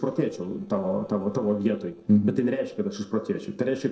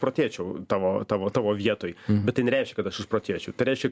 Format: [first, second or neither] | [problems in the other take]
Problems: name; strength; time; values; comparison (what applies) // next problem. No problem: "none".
second | noise reduction (neural separator model SepFormer DNS4)